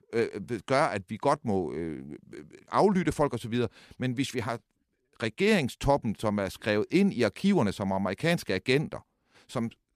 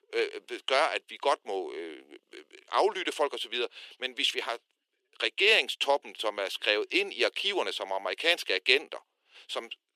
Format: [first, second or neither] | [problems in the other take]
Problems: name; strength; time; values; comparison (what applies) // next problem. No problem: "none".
first | thin; very; fading below 350 Hz